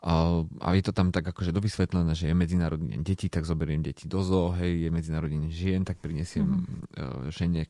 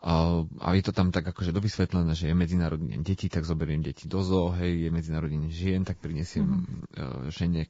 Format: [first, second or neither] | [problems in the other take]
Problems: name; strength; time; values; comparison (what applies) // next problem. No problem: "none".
first | garbled, watery; badly; nothing above 7.5 kHz; slightly in the first